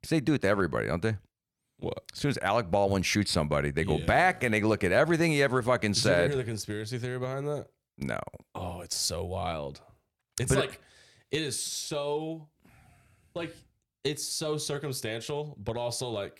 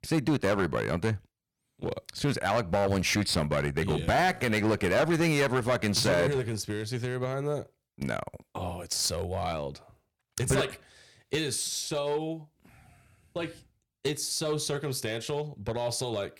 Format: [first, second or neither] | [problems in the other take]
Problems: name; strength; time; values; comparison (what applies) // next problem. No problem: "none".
first | distortion; slight; 6% of the sound clipped